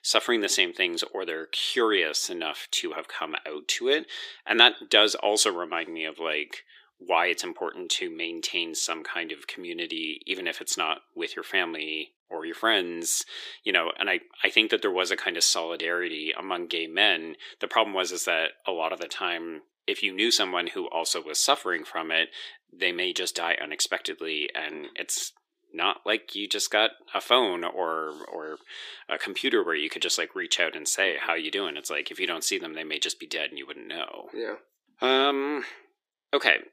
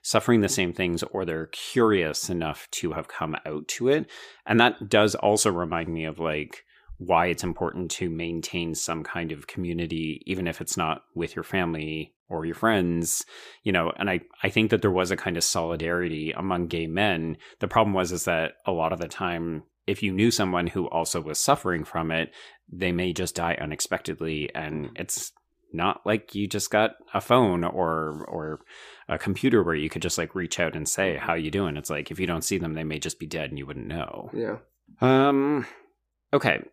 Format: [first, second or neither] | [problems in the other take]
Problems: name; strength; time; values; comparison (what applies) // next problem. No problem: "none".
second | thin; somewhat; fading below 350 Hz